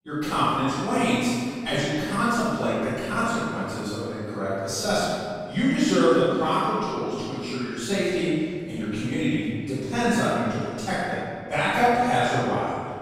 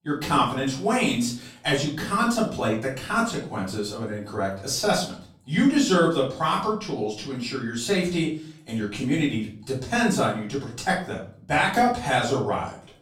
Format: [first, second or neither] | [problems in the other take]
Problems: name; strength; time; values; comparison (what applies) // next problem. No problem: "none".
second | room echo; strong; dies away in 2.2 s; slight in the second // off-mic speech; far; far in the second